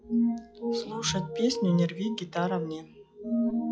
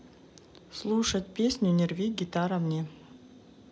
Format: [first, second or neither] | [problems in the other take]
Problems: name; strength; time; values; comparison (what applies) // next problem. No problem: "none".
second | noise reduction (classical method log-MMSE)